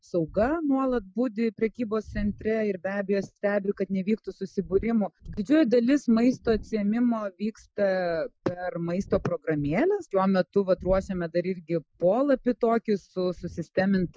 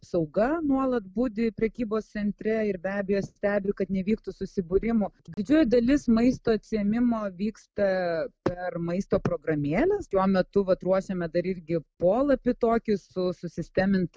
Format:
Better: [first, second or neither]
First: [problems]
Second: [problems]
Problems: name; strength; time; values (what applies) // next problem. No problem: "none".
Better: second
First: noise reduction (classical method Wiener filter)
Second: none